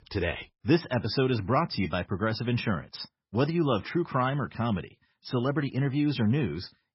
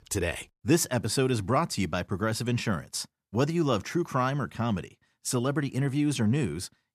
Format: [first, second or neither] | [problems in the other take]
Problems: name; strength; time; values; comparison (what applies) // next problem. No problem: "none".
second | garbled, watery; badly; nothing above 5.5 kHz